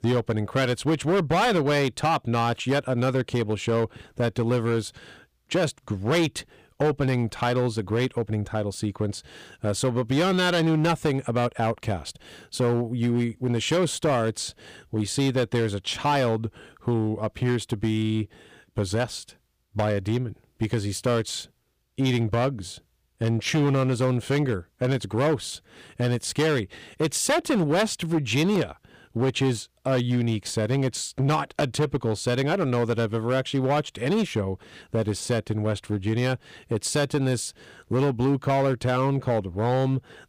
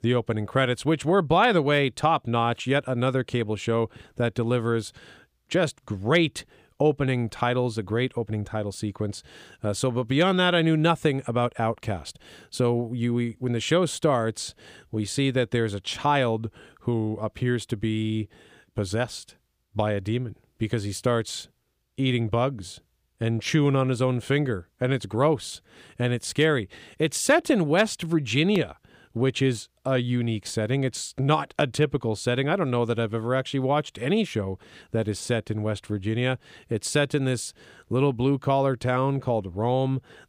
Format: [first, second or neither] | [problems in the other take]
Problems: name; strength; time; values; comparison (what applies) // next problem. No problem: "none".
second | distortion; slight; 9% of the sound clipped